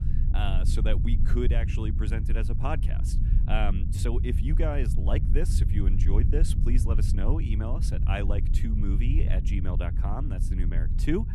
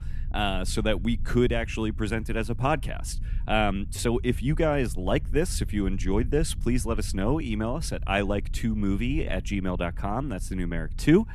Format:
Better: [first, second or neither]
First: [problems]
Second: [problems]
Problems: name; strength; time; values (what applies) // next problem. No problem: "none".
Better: second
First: low rumble; loud; throughout; 7 dB below the speech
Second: low rumble; faint; throughout; 25 dB below the speech